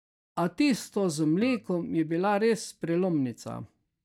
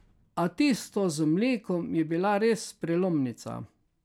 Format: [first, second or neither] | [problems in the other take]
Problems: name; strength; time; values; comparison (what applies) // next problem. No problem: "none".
second | noise reduction (neural mask model DeepFilterNet 3)